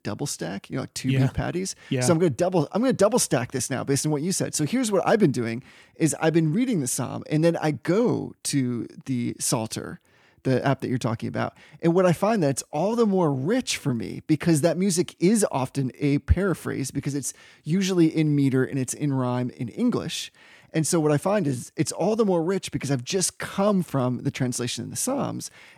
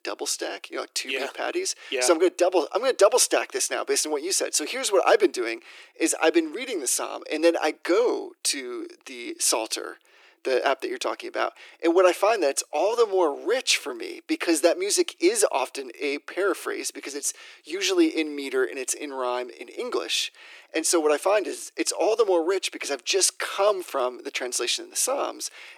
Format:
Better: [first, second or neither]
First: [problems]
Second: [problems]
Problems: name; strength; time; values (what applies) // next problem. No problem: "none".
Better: first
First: none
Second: thin; very; fading below 350 Hz